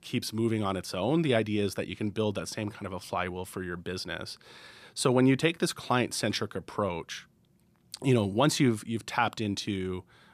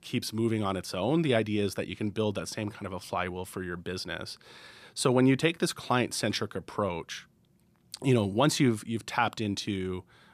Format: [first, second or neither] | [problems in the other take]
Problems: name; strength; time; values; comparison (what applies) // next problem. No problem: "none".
neither | none